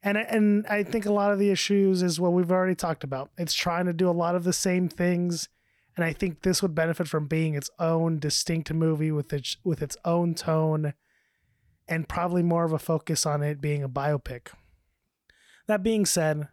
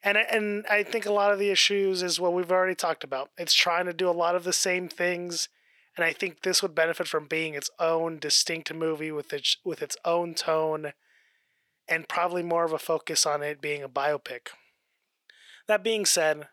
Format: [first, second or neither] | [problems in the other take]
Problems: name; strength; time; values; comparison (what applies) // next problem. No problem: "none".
first | thin; very; fading below 450 Hz